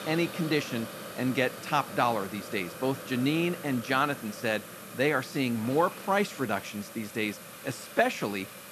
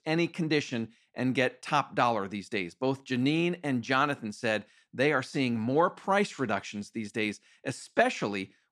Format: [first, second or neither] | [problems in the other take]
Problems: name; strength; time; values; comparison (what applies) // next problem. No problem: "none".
second | hiss; noticeable; throughout; 10 dB below the speech